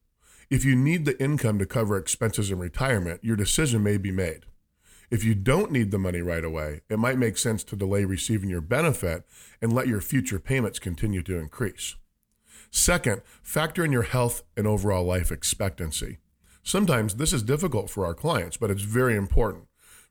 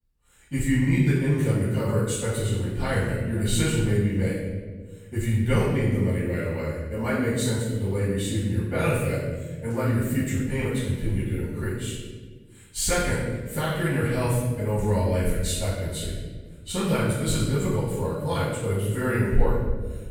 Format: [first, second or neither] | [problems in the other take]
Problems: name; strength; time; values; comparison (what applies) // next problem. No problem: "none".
first | off-mic speech; far // room echo; strong; dies away in 1.4 s